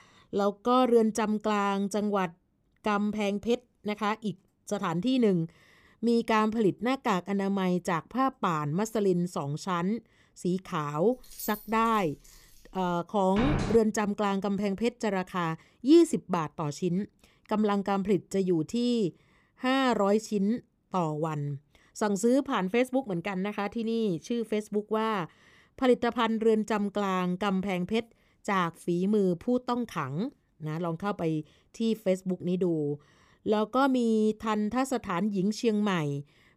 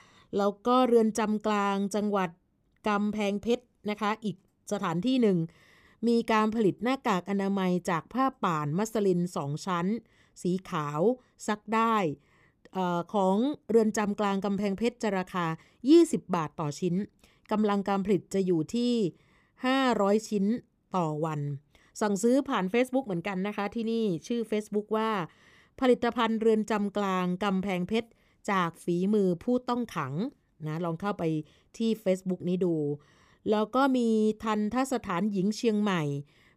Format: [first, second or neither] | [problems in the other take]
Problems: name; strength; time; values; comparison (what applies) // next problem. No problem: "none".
second | jangling keys; faint; from 11 to 13 s; peak 10 dB below the speech // door banging; noticeable; at 13 s; peak 2 dB below the speech